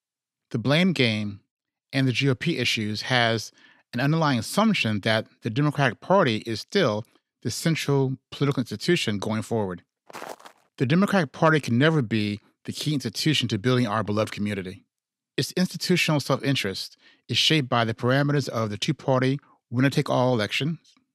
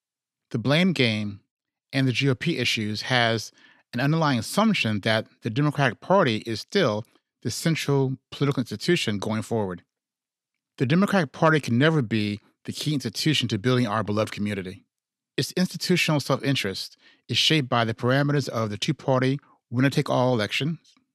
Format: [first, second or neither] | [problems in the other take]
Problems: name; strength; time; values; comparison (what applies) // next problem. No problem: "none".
second | footsteps; faint; at 10 s; peak 15 dB below the speech